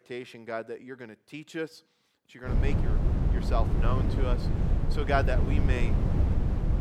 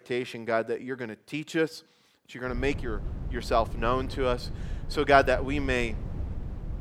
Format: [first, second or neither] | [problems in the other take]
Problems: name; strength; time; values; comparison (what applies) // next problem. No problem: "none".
second | wind noise on the microphone; heavy; from 2.5 s on; 4 dB below the speech; occasional gusts in the second